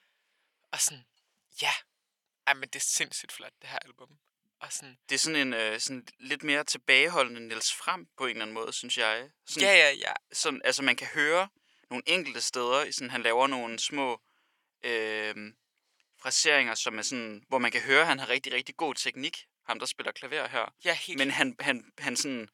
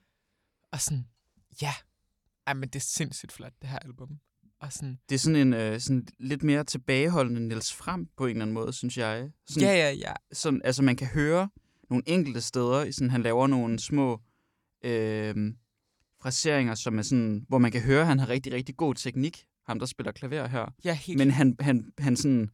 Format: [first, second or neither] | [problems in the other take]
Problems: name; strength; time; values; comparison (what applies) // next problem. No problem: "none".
second | thin; very; fading below 600 Hz